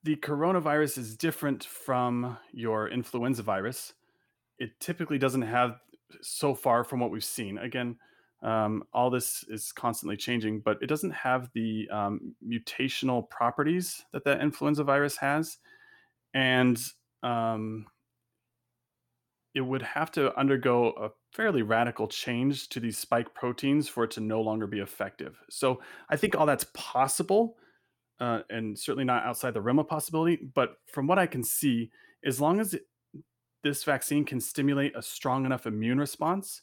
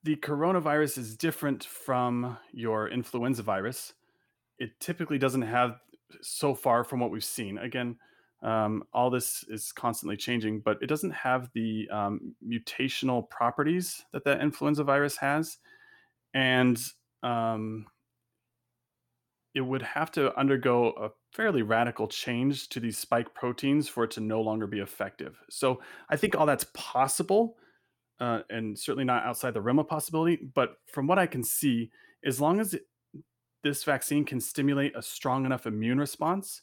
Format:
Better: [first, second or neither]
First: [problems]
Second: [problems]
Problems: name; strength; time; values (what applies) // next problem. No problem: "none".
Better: neither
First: none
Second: none